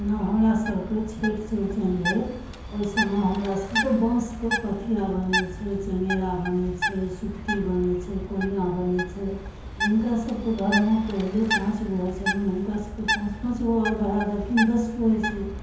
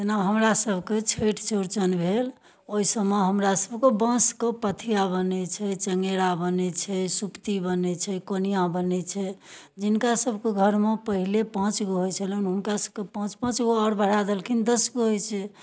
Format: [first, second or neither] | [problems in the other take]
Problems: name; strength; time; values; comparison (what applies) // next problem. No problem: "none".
second | background sound (Bird); 7 dB below the speech // room echo; dies away in 0.9 s